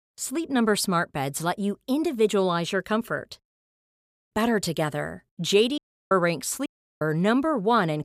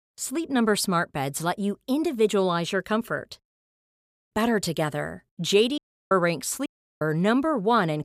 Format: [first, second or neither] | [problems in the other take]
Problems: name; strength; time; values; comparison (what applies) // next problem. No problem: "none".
neither | audio cutting out; at 3.5 s for 1 s, at 6 s and at 6.5 s; the same in both